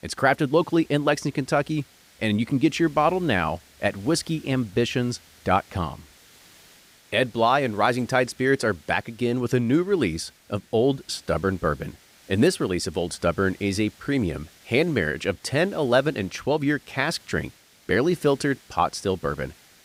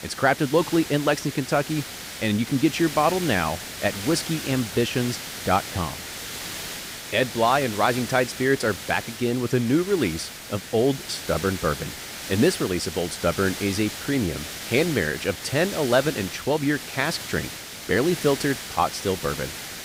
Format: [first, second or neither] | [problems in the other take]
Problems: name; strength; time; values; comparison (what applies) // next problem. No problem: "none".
first | hiss; loud; throughout; 9 dB below the speech; faint in the first